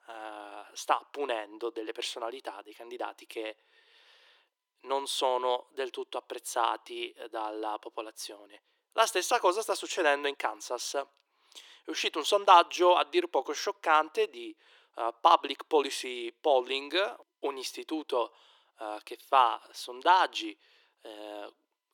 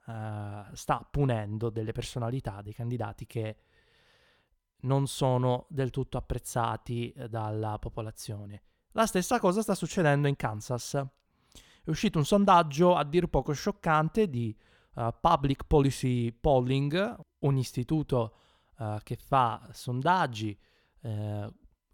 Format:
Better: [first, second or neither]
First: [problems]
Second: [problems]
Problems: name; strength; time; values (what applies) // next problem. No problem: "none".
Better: second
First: thin; very; fading below 300 Hz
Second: none